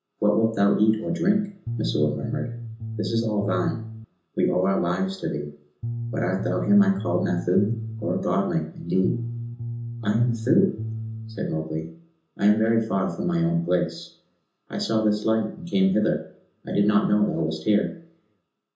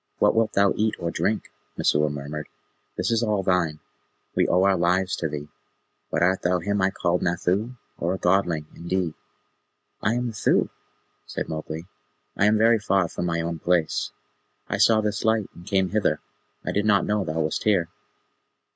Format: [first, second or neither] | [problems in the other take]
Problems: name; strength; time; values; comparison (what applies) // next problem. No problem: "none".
second | background sound (Bass guitar); 7 dB below the speech // room echo; dies away in 0.6 s